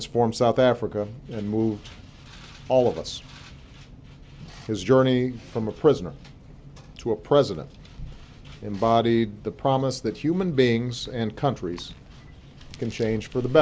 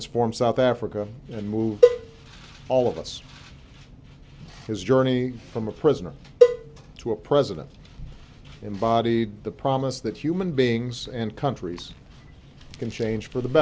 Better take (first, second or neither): first